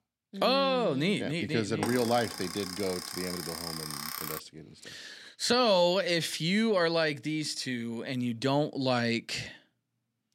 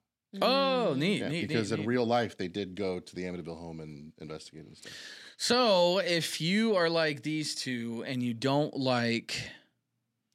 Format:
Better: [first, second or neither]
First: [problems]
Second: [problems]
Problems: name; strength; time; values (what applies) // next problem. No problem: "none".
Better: second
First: alarm; noticeable; from 2 to 4.5 s; peak 6 dB below the speech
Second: none